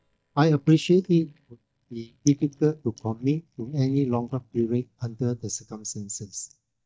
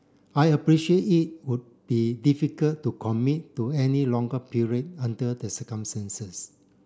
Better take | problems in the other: second | noise reduction (neural mask model DeepFilterNet 3)

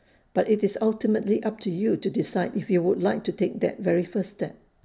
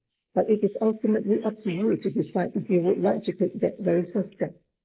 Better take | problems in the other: first | noise reduction (neural mask model Resemble Enhance denoiser)

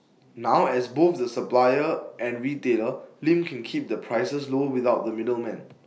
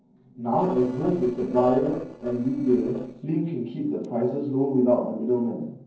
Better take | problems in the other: first | noise reduction (neural separator model SepFormer DNS4)

